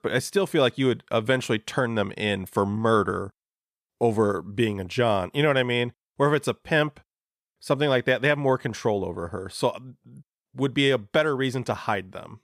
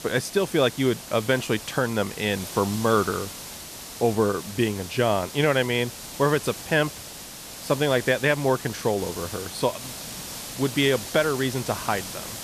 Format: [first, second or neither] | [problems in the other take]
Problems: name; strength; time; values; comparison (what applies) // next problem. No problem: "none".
first | hiss; noticeable; throughout; 10 dB below the speech